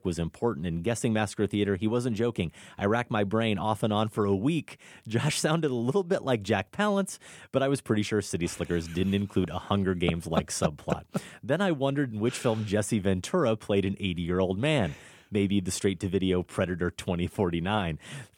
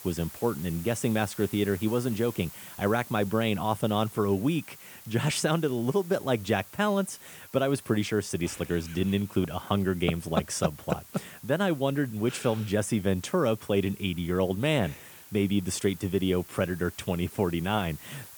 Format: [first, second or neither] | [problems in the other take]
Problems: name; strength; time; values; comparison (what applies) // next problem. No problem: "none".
first | hiss; noticeable; throughout; 15 dB below the speech